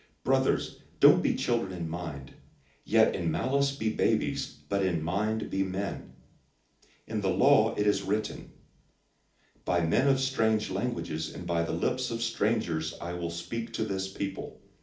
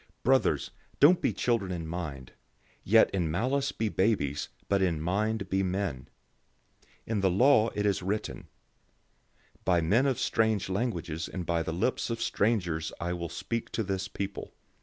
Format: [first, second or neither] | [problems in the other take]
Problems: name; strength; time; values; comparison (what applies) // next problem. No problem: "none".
second | room echo; dies away in 0.4 s